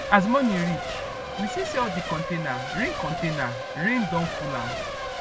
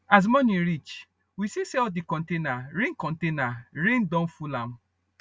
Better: second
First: background sound (Race car, auto racing / Accelerating, revving, vroom / Mechanisms); 5 dB below the speech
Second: none

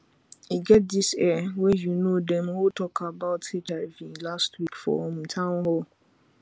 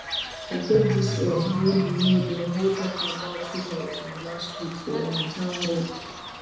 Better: first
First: none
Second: background sound (Bird / Fowl); 5 dB below the speech // room echo; dies away in 1 s

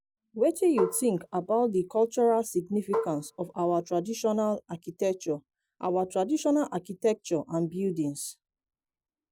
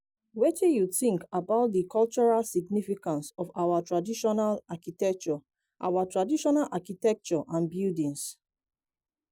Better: second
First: background sound (Marimba, xylophone); 7 dB below the speech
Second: none

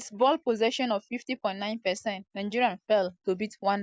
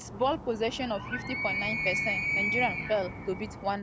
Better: first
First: none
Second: background sound (Animal); 1 dB below the speech

